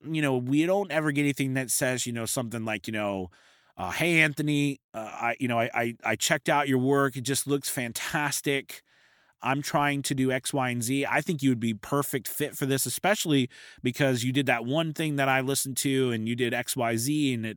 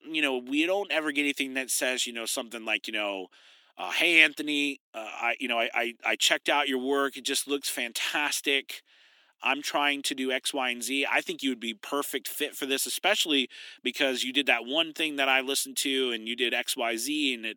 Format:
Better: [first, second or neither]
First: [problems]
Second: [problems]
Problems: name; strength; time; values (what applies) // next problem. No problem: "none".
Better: first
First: none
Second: thin; very slightly; fading below 250 Hz